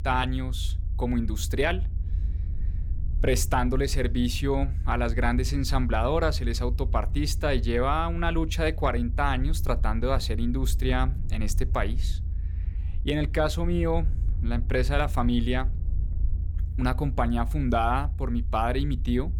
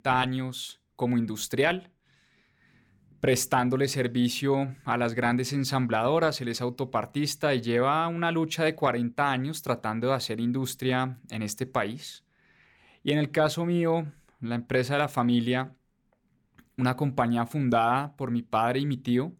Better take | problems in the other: second | low rumble; faint; throughout; 20 dB below the speech

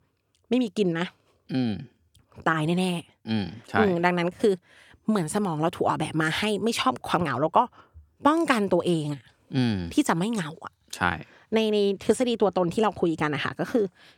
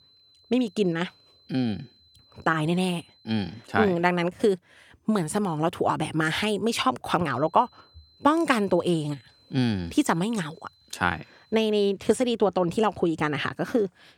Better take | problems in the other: first | high-pitched whine; faint; until 4 s and from 7.5 to 12 s; 4 kHz, 30 dB below the speech

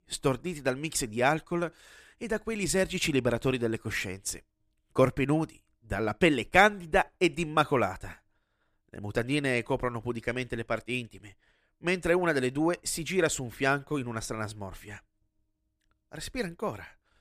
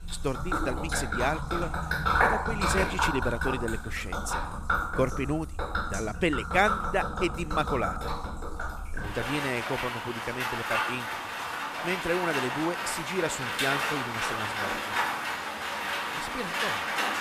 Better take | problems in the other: first | rain or running water; very loud; throughout; 1 dB above the speech

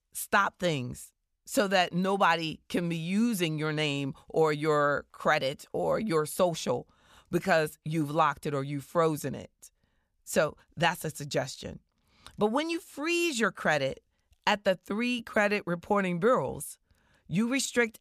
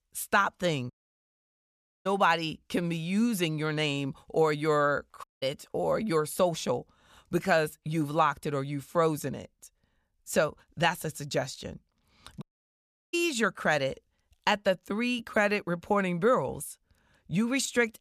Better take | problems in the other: first | audio cutting out; at 1 s for 1 s, at 5 s and at 12 s for 0.5 s

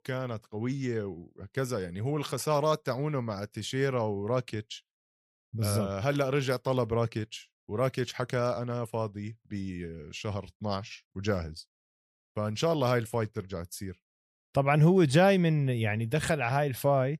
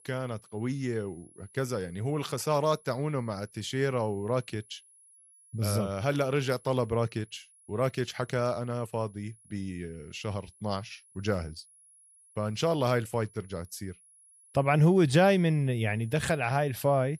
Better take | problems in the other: first | high-pitched whine; faint; throughout; 10.5 kHz, 25 dB below the speech

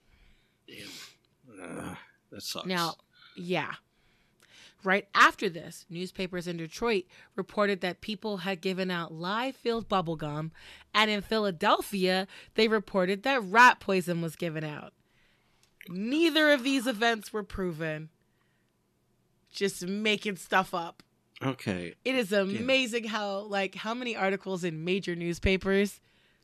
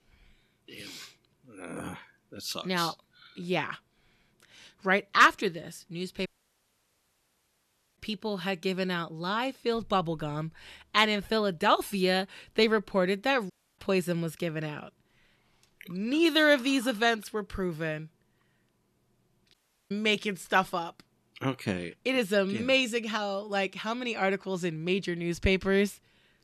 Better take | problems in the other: first | audio cutting out; at 6.5 s for 1.5 s, at 14 s and at 20 s

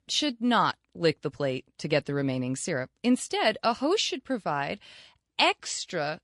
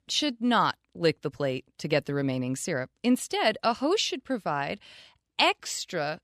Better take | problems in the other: second | garbled, watery; slightly; nothing above 11 kHz

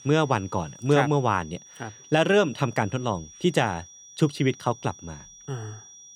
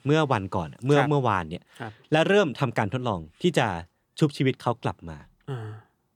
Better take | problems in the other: second | high-pitched whine; faint; throughout; 5.5 kHz, 20 dB below the speech

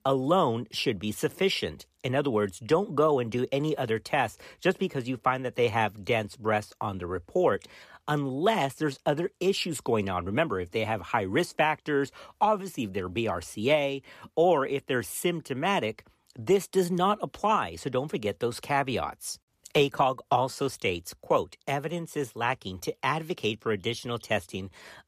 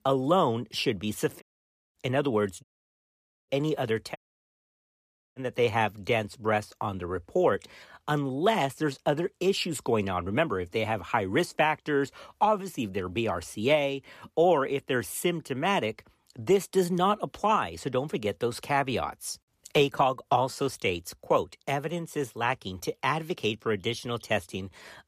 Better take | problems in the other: first | audio cutting out; at 1.5 s for 0.5 s, at 2.5 s for 1 s and at 4 s for 1 s

